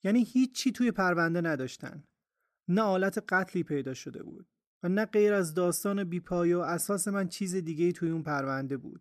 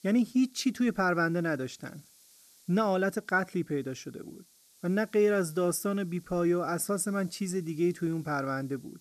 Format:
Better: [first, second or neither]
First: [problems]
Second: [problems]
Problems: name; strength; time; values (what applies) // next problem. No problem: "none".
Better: first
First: none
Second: hiss; faint; throughout; 30 dB below the speech